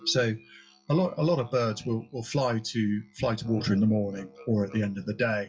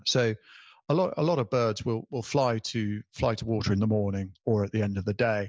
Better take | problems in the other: second | noise reduction (classical method WPE with log-MMSE)

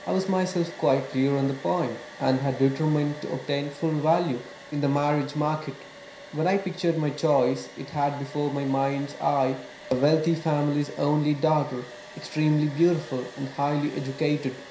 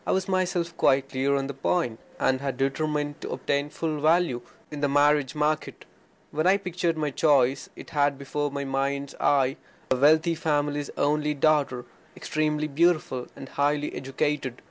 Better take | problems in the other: second | background sound (Domestic sounds, home sounds); 18 dB below the speech // room echo; dies away in 0.5 s

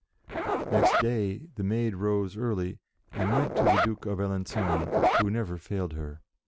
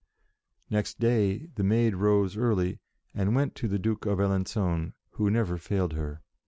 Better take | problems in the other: second | background sound (Zipper (clothing)); 2 dB above the speech

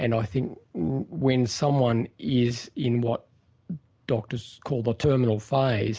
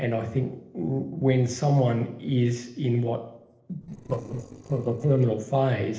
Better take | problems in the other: first | noise reduction (neural separator model SepFormer DNS4)

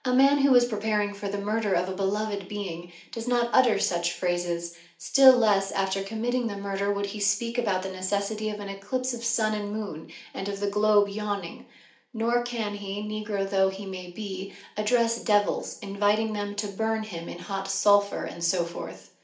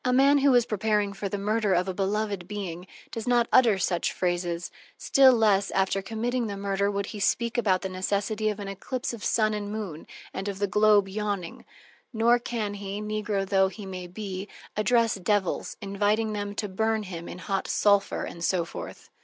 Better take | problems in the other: second | room echo; dies away in 0.4 s

